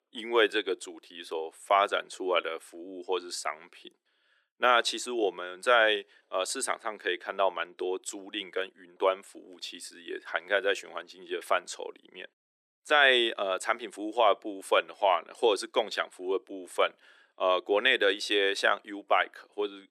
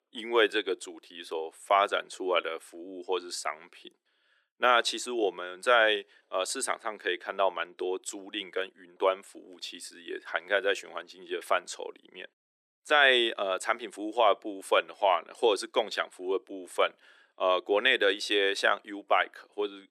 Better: neither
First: thin; very; fading below 300 Hz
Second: thin; very; fading below 300 Hz

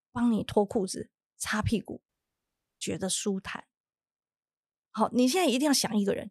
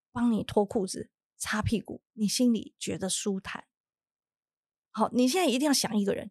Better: second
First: audio cutting out; at 2 s for 0.5 s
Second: none

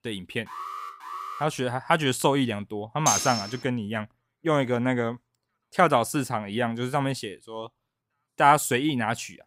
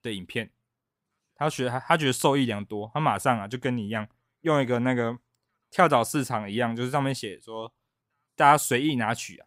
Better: second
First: alarm; noticeable; at 0.5 s; peak 10 dB below the speech // clattering dishes; loud; at 3 s; peak 2 dB above the speech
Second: none

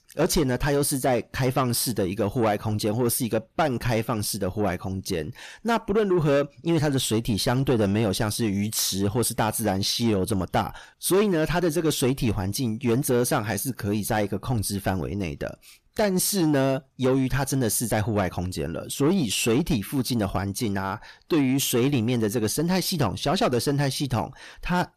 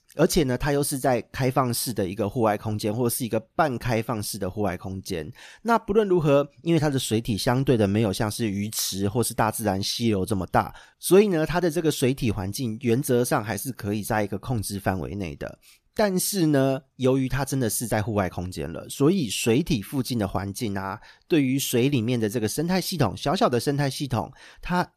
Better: second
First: distortion; slight; 10 dB below the speech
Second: none

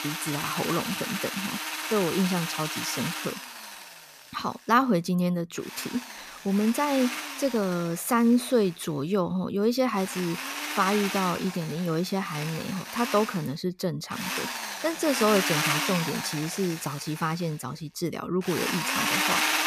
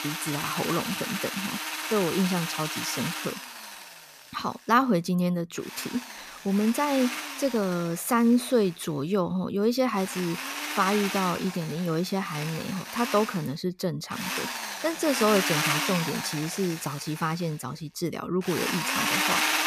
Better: neither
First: machinery noise; loud; throughout; 3 dB below the speech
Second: machinery noise; loud; throughout; 3 dB below the speech

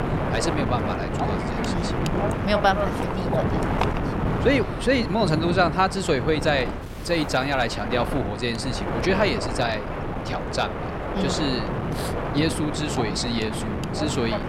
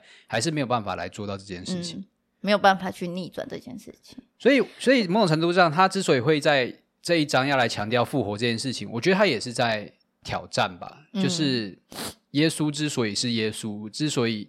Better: second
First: wind noise on the microphone; heavy; 4 dB below the speech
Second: none

